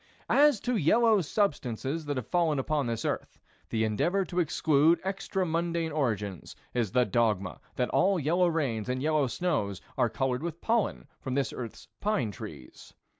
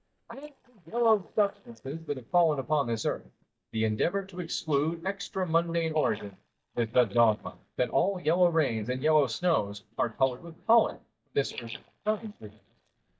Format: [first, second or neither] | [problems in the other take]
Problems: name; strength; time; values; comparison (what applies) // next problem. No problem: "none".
first | noise reduction (neural mask model DeepFilterNet 3)